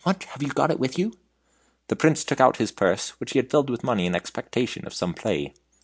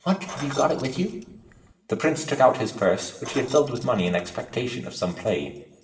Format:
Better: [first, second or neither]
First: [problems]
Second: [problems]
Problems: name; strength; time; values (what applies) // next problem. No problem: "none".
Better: first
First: none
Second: background sound (Keys jangling); 16 dB below the speech // room echo; dies away in 0.7 s